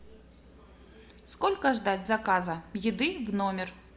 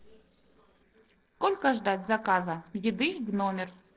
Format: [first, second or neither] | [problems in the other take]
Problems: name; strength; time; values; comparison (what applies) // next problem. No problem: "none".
first | noise reduction (neural separator model SepFormer DNS4)